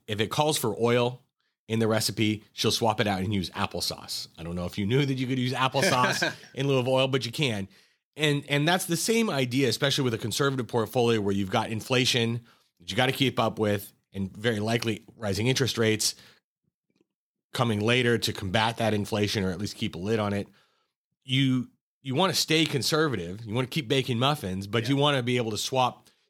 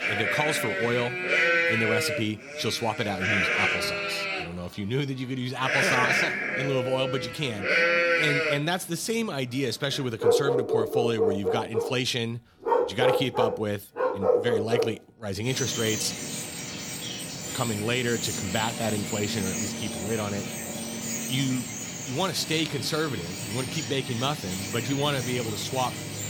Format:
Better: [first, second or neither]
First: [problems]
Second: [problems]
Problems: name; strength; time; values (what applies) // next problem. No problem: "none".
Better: first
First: none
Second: animal sounds; very loud; throughout; 2 dB above the speech